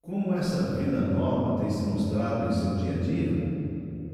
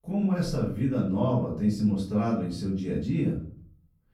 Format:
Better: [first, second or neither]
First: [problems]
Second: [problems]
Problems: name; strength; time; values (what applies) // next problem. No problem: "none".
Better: second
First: room echo; strong; dies away in 3 s // off-mic speech; far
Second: room echo; slight; dies away in 0.5 s // off-mic speech; far